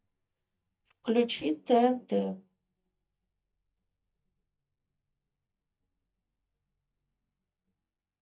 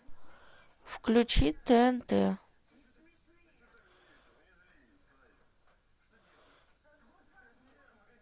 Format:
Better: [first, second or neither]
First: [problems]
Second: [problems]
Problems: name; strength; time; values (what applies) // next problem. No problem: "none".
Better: second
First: noise reduction (neural mask model DeepFilterNet 3)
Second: none